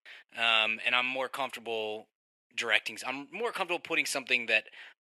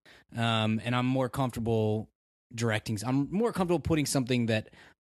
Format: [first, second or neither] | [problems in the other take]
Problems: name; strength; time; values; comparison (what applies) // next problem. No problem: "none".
second | thin; very; fading below 550 Hz